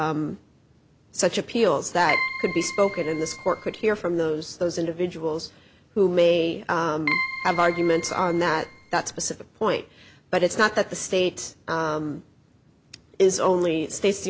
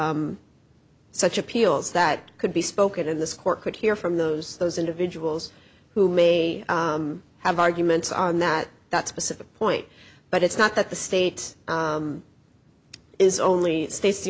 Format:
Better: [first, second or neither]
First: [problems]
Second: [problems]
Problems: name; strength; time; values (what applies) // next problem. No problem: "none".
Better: second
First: background sound (Keyboard (musical)); 7 dB below the speech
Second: none